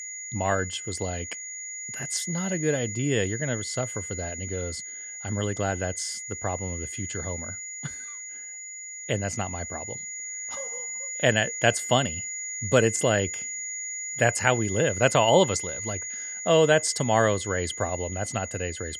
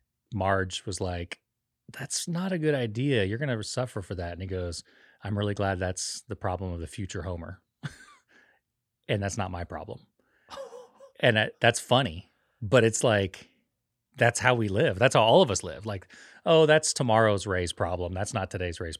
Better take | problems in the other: second | high-pitched whine; loud; throughout; 7 kHz, 7 dB below the speech

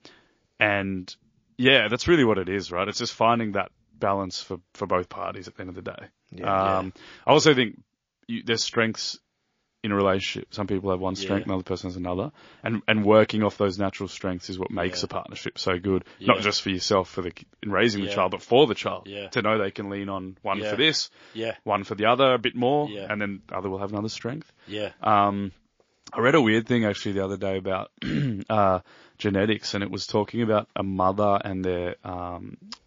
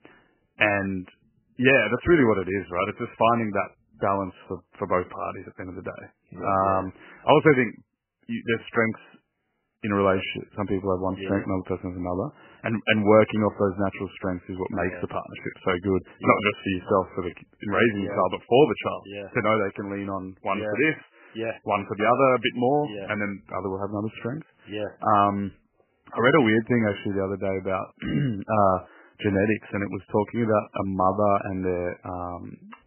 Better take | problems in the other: first | garbled, watery; badly; nothing above 3 kHz; slightly in the first

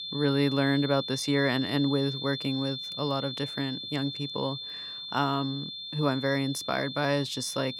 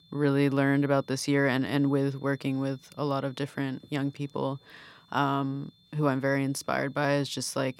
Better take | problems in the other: second | high-pitched whine; loud; throughout; 3.5 kHz, 6 dB below the speech; faint in the second

